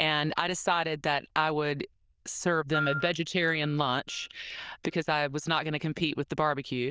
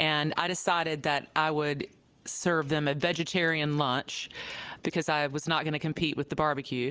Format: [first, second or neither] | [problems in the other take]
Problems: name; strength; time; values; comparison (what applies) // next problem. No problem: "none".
second | noise reduction (neural diffusion model UNIVERSE++)